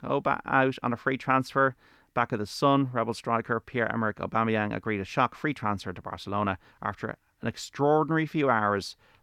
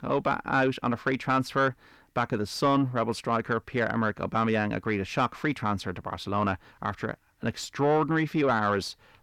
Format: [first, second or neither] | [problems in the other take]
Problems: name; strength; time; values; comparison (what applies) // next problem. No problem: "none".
first | distortion; slight; 10 dB below the speech